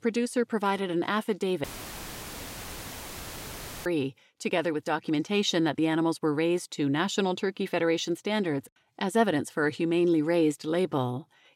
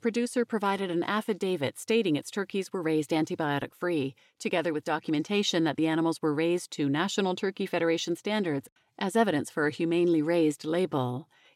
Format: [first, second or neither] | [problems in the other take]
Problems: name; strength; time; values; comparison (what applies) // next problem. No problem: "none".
second | audio cutting out; filled with static; at 1.5 s for 2 s